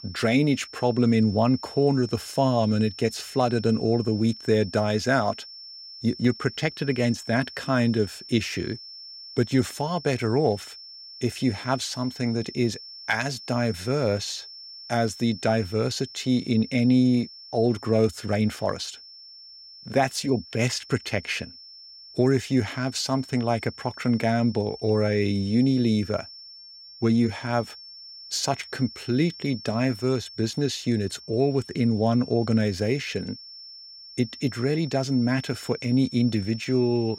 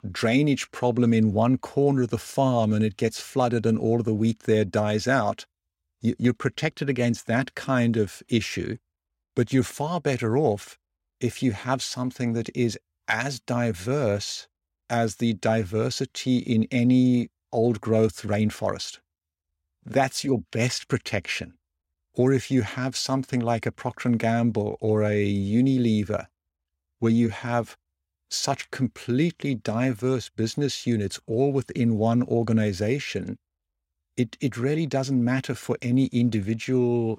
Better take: second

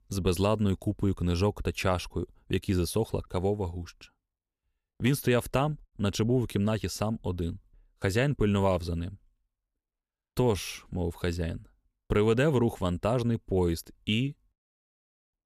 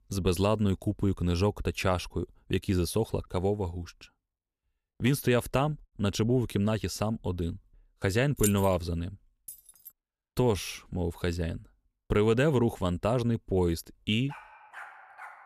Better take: first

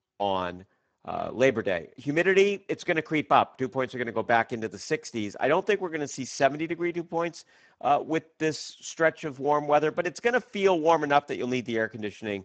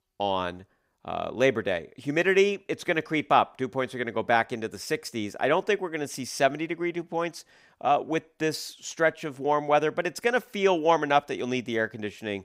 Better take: second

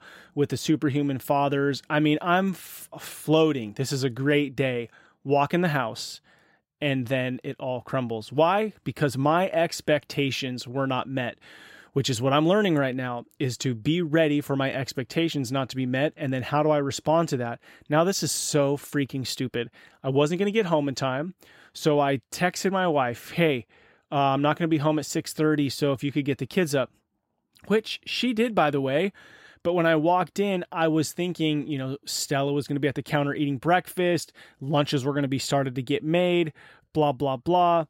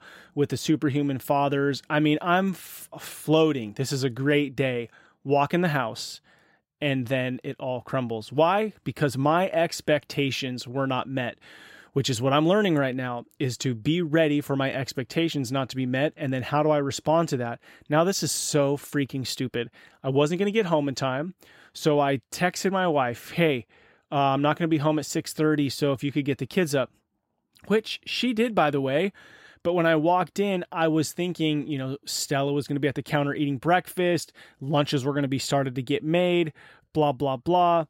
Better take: neither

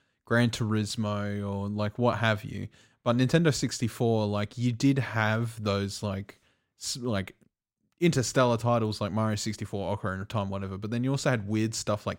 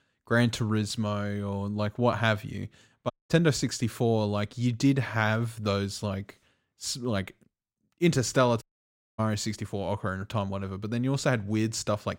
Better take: first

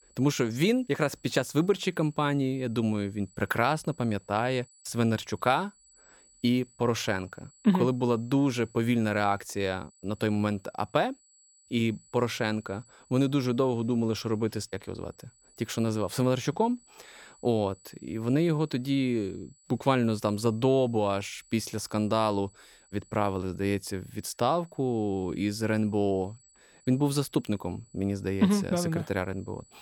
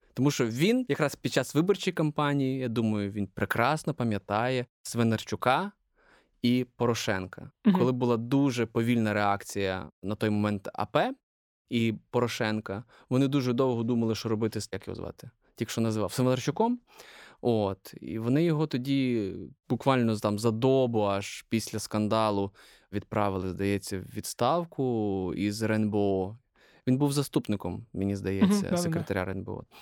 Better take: second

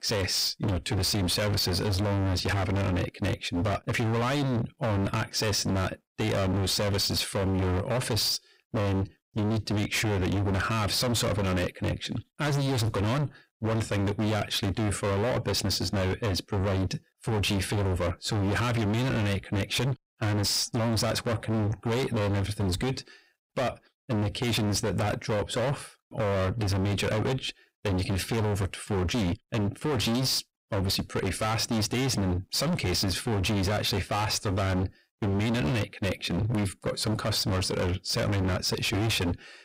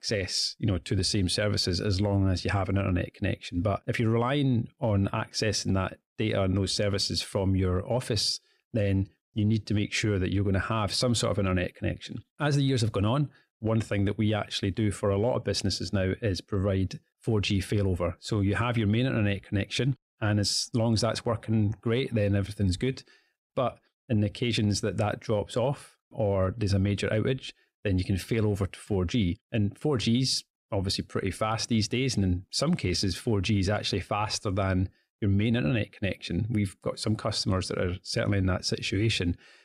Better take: second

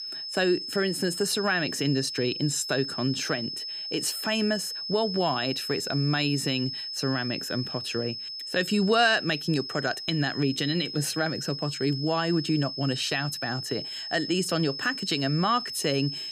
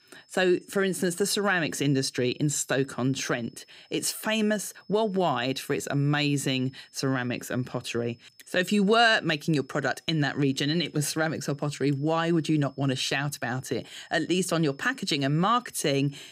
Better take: second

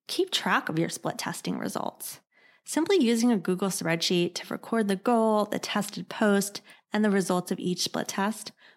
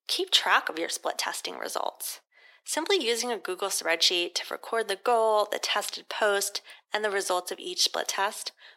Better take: first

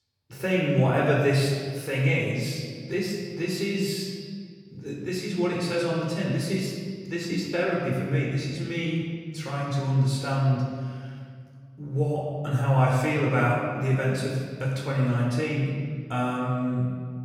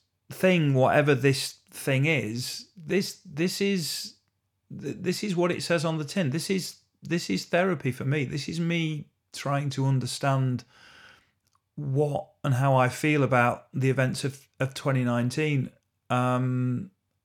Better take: second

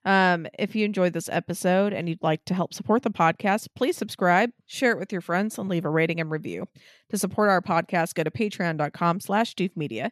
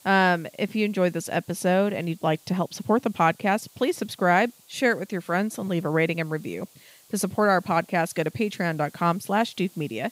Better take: first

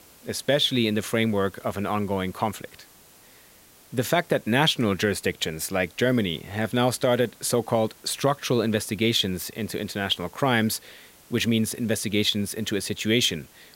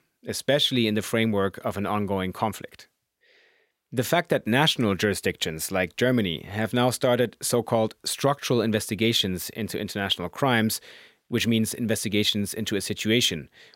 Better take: second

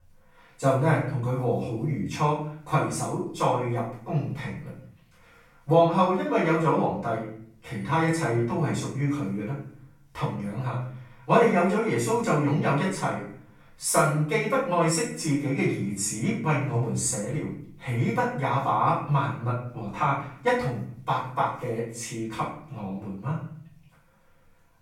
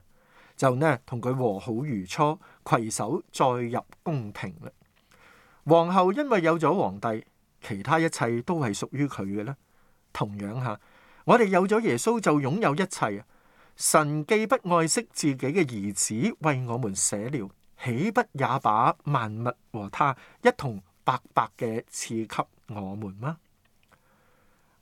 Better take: second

